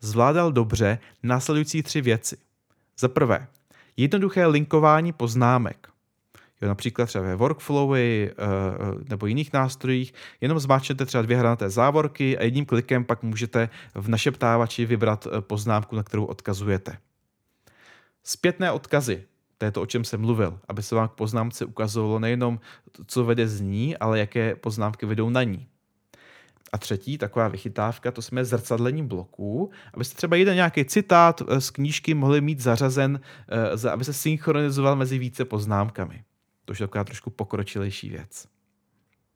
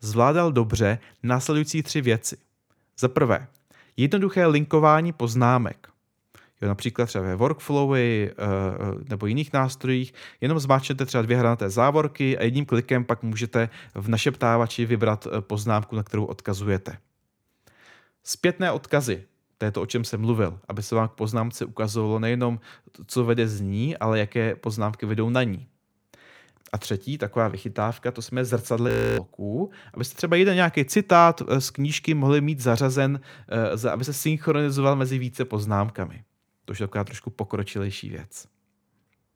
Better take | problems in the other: first | audio freezing; at 29 s

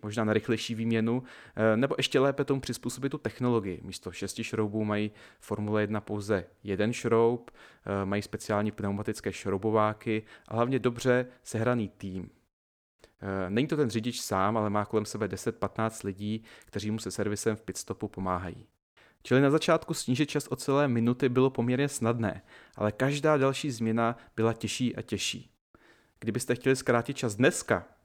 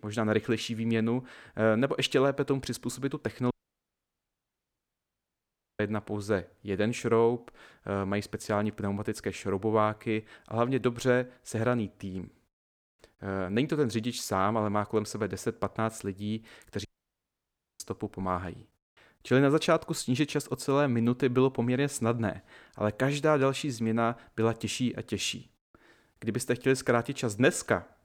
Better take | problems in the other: first | audio cutting out; at 3.5 s for 2.5 s and at 17 s for 1 s

